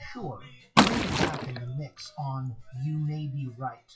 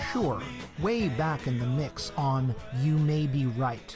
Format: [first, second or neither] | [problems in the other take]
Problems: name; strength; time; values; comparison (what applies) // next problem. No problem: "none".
second | noise reduction (classical method WPE with log-MMSE)